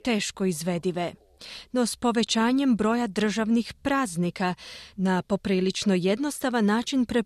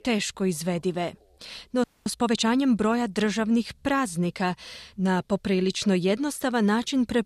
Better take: first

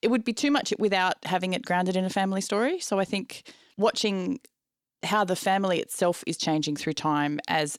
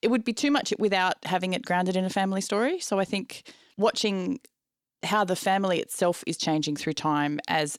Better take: neither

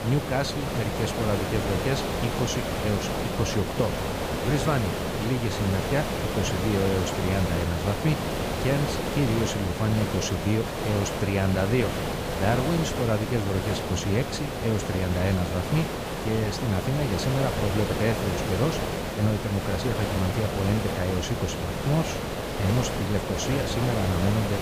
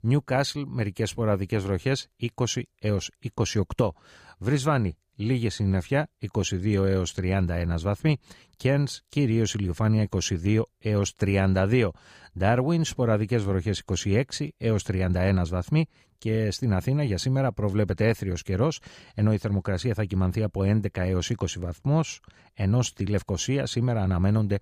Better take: second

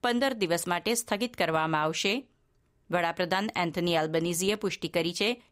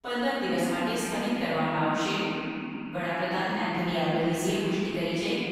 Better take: first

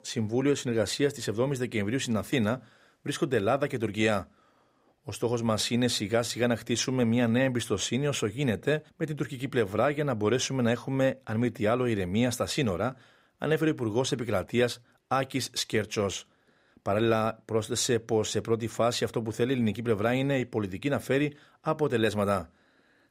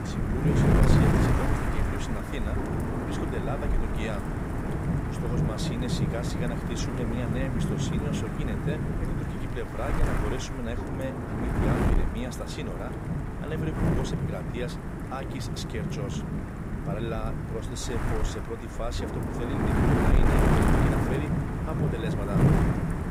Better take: first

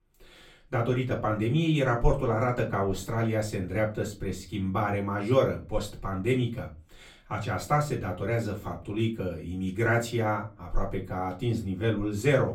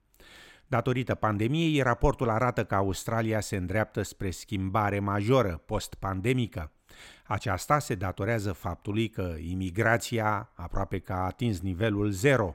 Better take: second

